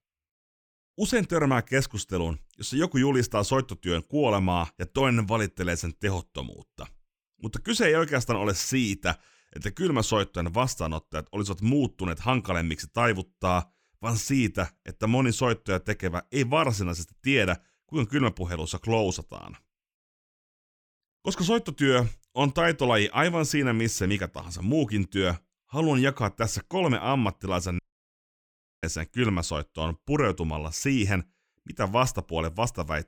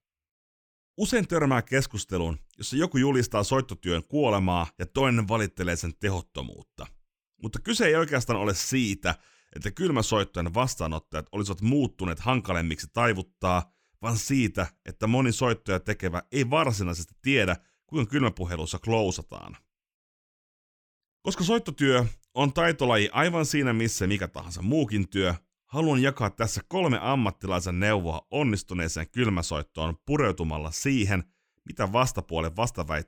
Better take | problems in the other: second | audio cutting out; at 28 s for 1 s

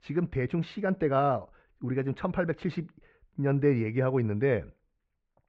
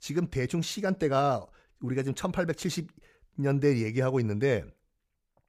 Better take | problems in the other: second | muffled; very; fading above 2.5 kHz

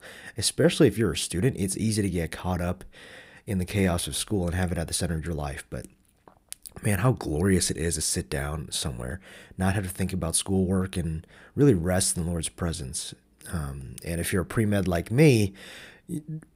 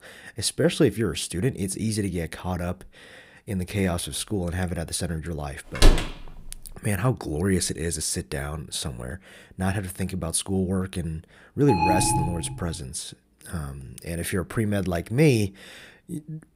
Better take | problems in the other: first | door banging; loud; at 6 s; peak 5 dB above the speech // alarm; loud; at 12 s; peak 4 dB above the speech

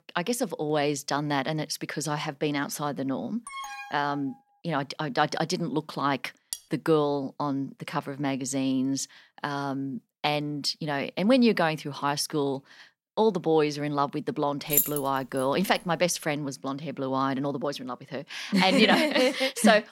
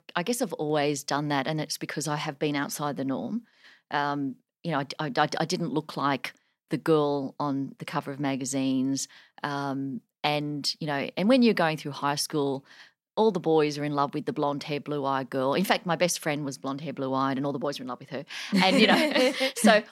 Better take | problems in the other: second | alarm; noticeable; at 3.5 s; peak 10 dB below the speech // clattering dishes; faint; at 6.5 s; peak 10 dB below the speech // jangling keys; loud; at 15 s; peak 4 dB above the speech

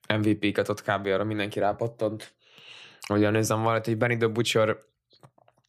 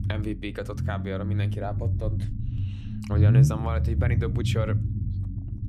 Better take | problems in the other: first | low rumble; loud; throughout; 4 dB below the speech

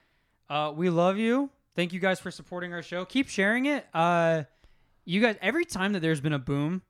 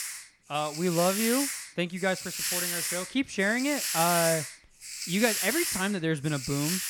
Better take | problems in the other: first | hiss; loud; throughout; 2 dB below the speech

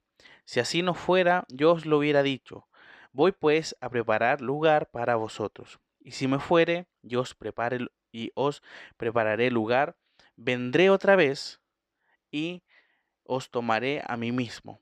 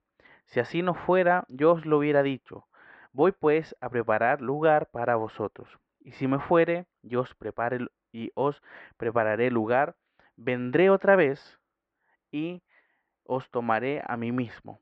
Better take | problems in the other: first | muffled; very; fading above 1.5 kHz

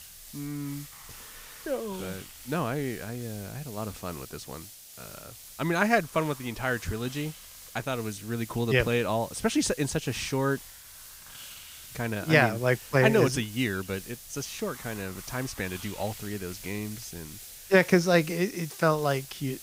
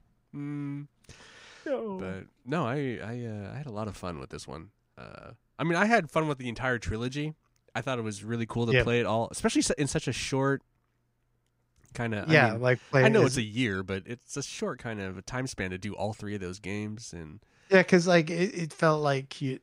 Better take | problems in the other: second | hiss; noticeable; throughout; 15 dB below the speech

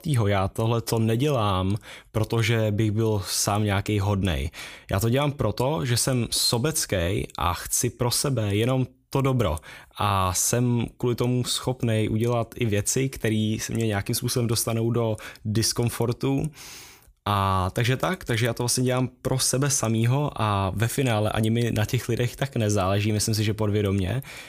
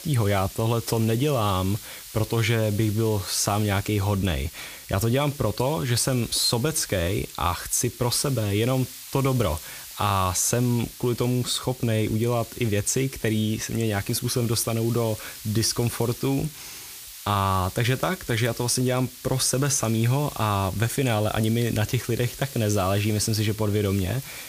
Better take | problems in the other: first | hiss; noticeable; throughout; 15 dB below the speech

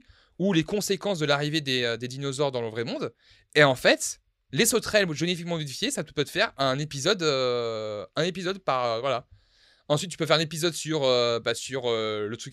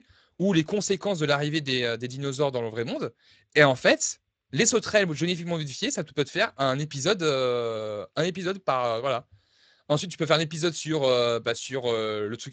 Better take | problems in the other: first | garbled, watery; slightly; nothing above 7.5 kHz

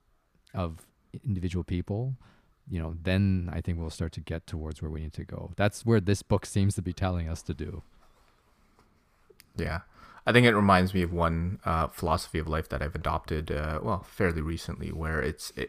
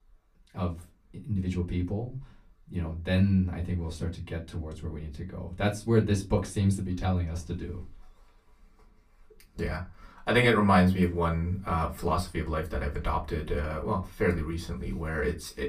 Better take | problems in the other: first | off-mic speech; far // room echo; very slight; dies away in 0.2 s

